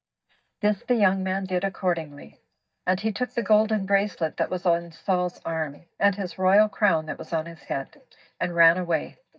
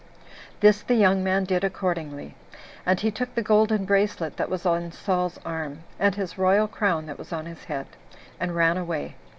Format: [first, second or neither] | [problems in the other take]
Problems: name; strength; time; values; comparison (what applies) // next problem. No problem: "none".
second | noise reduction (neural mask model DeepFilterNet 3)